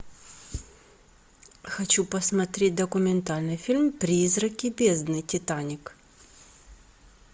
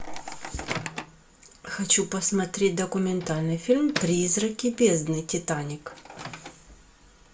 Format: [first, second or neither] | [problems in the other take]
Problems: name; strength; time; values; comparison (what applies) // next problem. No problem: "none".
first | background sound (Microwave oven); 14 dB below the speech // room echo; dies away in 0.2 s